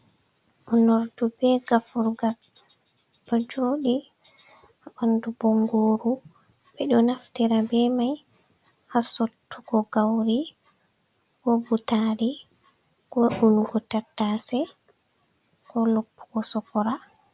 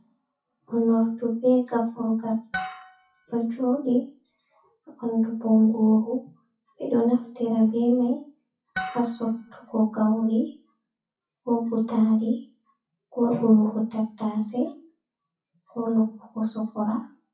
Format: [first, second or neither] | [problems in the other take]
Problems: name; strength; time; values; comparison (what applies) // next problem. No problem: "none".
first | noise reduction (classical method WPE with log-MMSE)